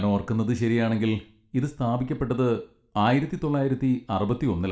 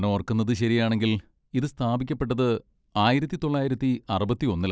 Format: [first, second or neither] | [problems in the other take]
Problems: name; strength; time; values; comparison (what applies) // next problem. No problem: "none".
second | room echo; dies away in 0.4 s